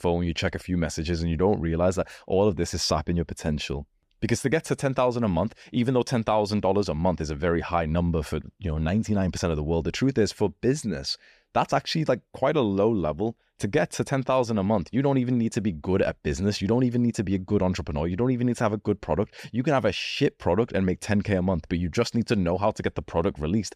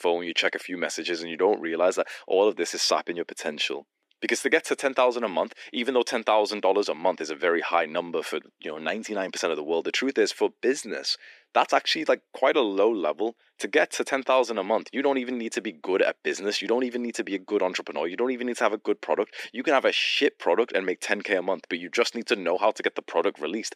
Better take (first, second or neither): first